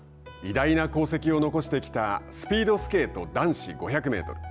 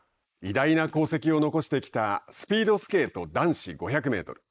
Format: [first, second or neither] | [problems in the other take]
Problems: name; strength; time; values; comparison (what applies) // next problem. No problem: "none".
first | noise reduction (neural mask model Resemble Enhance denoiser)